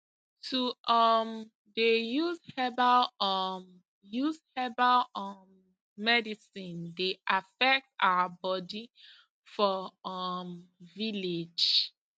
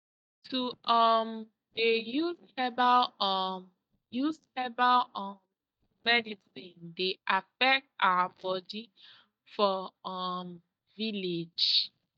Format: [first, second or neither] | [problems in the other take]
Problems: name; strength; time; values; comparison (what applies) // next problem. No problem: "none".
first | noise reduction (neural mask model DeepFilterNet 3)